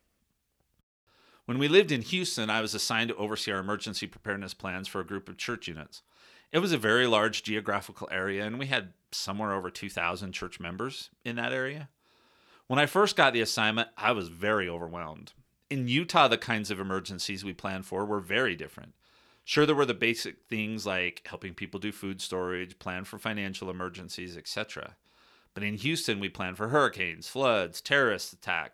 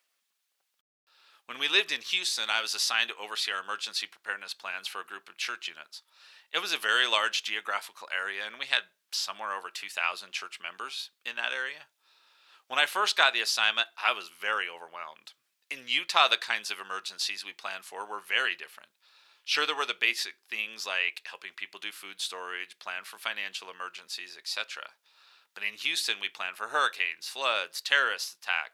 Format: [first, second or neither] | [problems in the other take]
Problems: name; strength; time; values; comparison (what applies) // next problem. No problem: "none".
first | thin; very; fading below 950 Hz